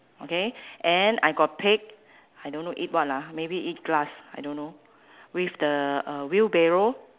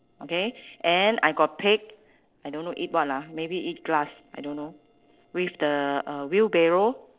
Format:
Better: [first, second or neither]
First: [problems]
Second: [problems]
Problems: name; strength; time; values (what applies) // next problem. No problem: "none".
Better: first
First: none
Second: noise reduction (neural separator model SepFormer DNS4)